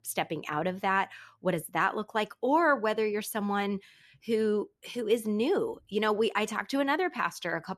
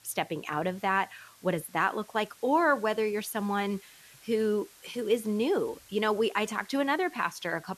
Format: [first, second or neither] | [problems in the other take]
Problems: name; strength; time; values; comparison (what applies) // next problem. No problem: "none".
first | hiss; faint; throughout; 25 dB below the speech